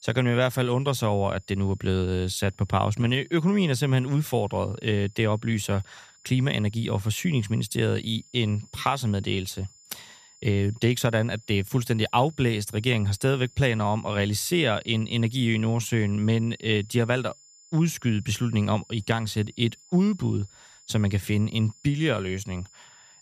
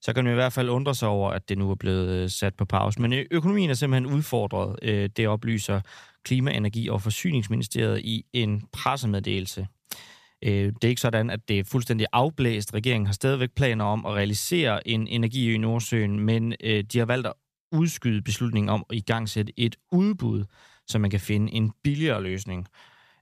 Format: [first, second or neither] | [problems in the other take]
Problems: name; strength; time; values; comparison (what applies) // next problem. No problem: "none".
second | high-pitched whine; faint; throughout; 7 kHz, 25 dB below the speech